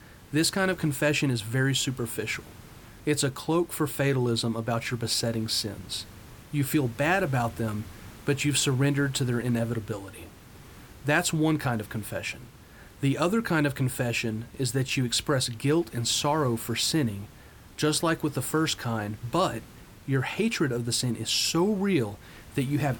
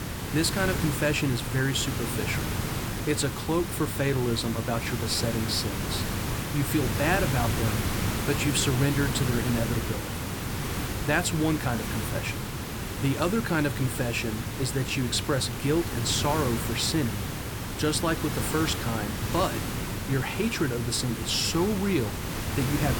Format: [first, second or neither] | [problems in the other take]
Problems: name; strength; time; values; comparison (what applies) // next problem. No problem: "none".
first | hiss; loud; throughout; 3 dB below the speech; faint in the first